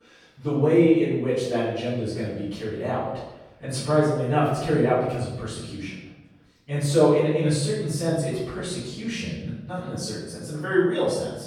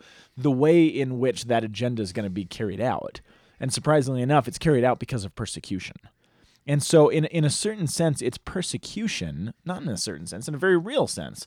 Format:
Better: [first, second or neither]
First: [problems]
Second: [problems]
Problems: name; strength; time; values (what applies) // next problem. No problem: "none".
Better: second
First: off-mic speech; far // room echo; strong; dies away in 0.9 s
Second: none